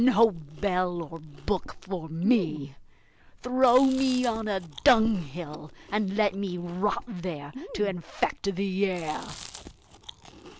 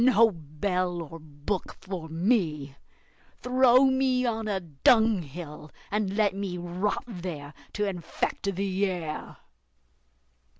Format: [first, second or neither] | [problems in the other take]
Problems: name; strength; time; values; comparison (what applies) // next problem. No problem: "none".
second | background sound (Chewing, mastication); 18 dB below the speech